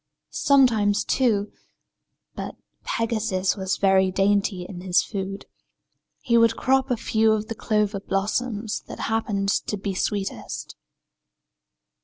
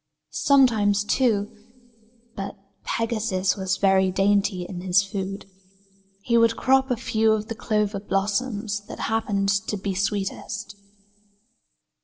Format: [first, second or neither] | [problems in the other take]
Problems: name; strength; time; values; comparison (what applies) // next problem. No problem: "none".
first | room echo; dies away in 0.4 s